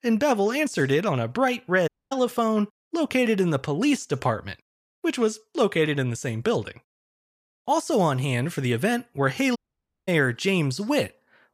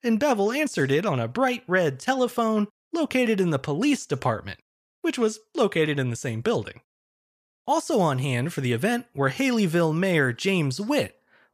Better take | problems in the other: second | audio cutting out; at 2 s and at 9.5 s for 0.5 s

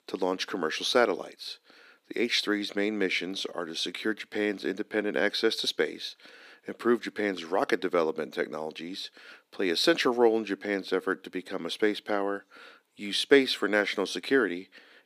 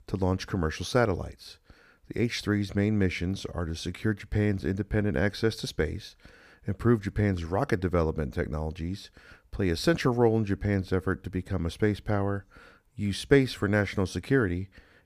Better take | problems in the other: second | thin; somewhat; fading below 250 Hz

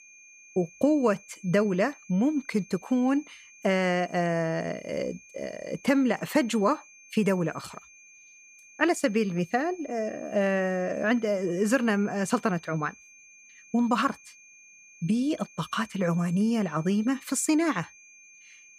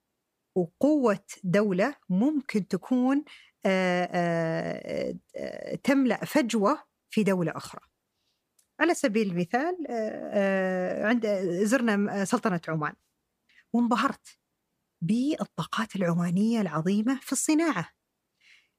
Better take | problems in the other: second | high-pitched whine; faint; throughout; 2.5 kHz, 25 dB below the speech

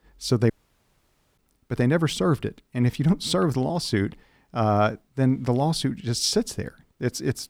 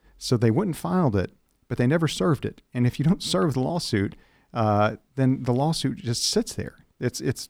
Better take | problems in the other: second | audio cutting out; at 0.5 s for 1 s

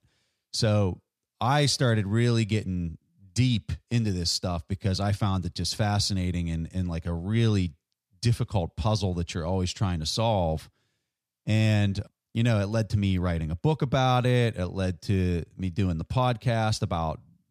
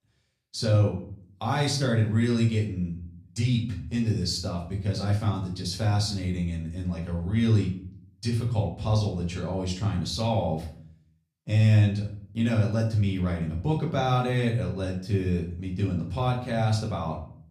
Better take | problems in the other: first | room echo; slight; dies away in 0.4 s // off-mic speech; far

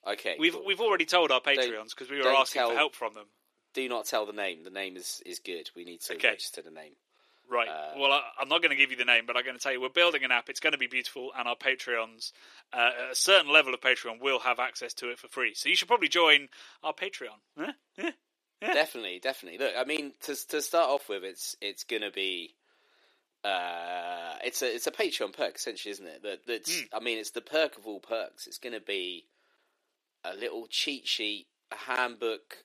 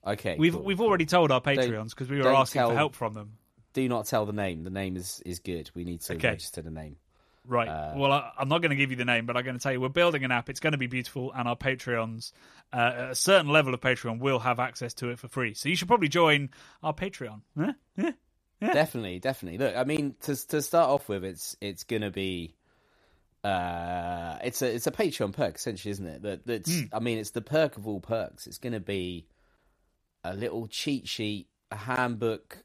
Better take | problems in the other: second | thin; somewhat; fading below 350 Hz

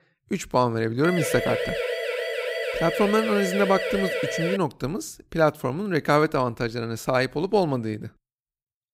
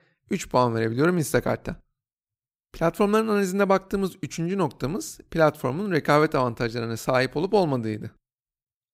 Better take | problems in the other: second | siren; noticeable; from 1 to 4.5 s; peak 2 dB below the speech

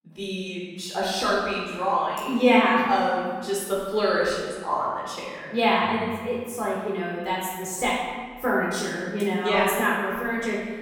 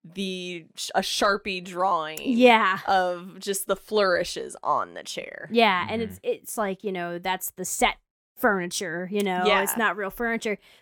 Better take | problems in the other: second | room echo; noticeable; dies away in 1.4 s // off-mic speech; far

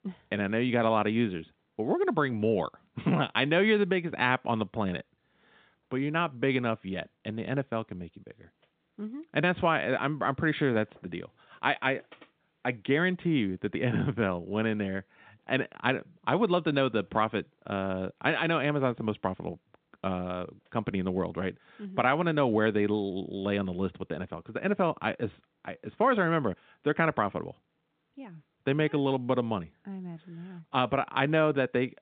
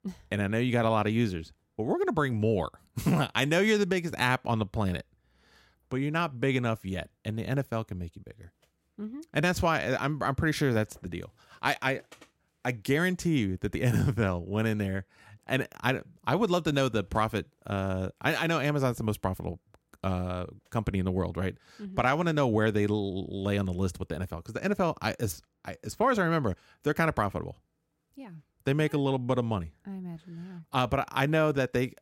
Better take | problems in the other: second | phone-call audio; nothing above 3.5 kHz

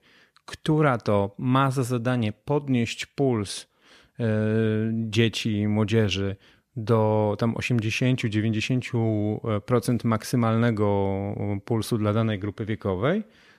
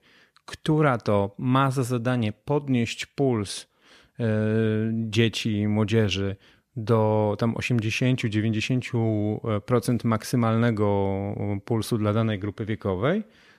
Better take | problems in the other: neither | none

